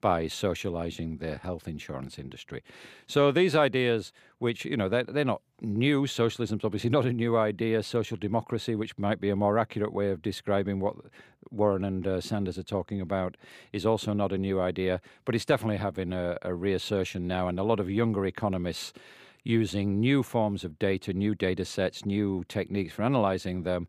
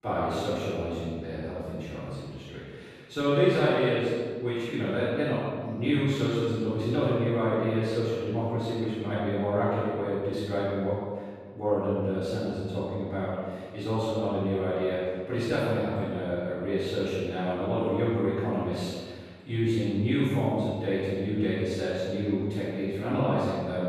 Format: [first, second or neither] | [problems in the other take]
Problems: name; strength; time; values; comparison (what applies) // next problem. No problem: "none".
first | room echo; strong; dies away in 1.4 s // off-mic speech; far